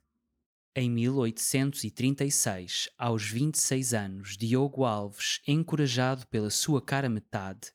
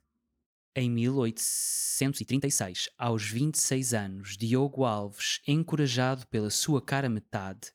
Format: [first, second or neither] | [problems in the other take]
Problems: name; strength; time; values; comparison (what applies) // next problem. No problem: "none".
first | audio freezing; at 1.5 s